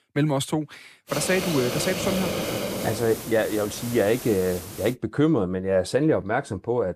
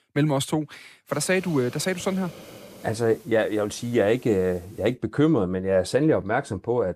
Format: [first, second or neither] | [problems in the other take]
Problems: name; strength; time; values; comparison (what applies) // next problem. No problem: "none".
second | hiss; loud; from 1 to 5 s; 6 dB below the speech; faint in the second